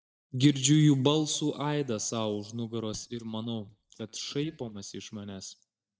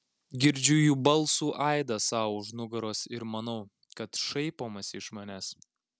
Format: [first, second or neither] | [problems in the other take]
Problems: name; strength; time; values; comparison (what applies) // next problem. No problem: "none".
second | noise reduction (neural mask model DeepFilterNet 3)